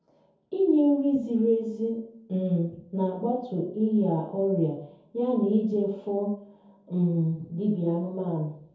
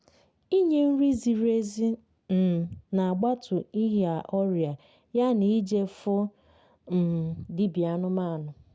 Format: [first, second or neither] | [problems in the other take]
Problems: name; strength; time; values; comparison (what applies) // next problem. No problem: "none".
second | room echo; dies away in 0.6 s